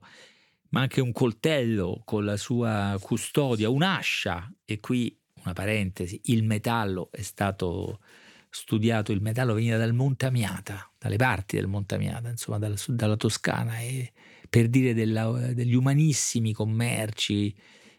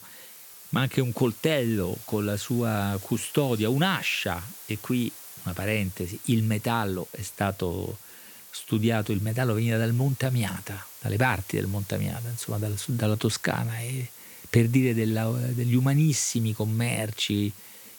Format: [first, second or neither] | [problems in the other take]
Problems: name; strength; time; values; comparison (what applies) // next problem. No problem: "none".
first | hiss; noticeable; throughout; 15 dB below the speech